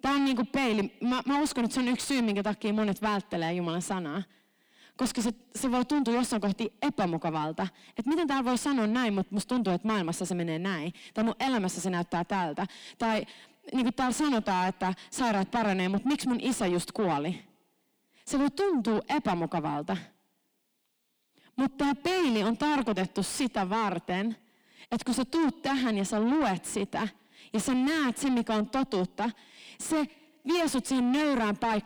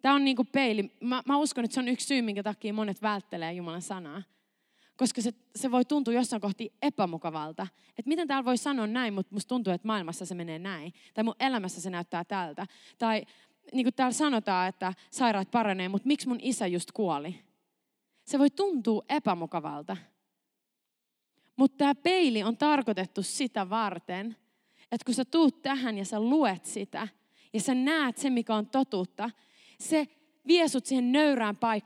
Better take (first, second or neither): second